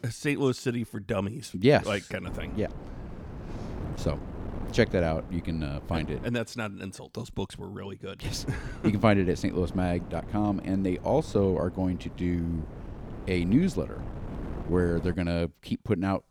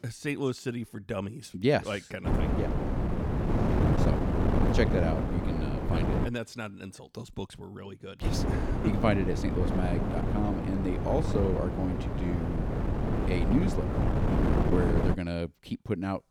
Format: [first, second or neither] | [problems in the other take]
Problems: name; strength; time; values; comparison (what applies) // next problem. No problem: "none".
first | wind noise on the microphone; heavy; from 2.5 to 6.5 s and from 8 to 15 s; as loud as the speech; occasional gusts in the first